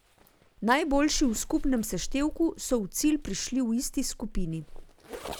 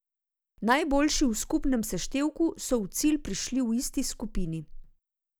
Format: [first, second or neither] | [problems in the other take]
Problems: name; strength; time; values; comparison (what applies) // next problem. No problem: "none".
second | background sound (Zipper (clothing)); 18 dB below the speech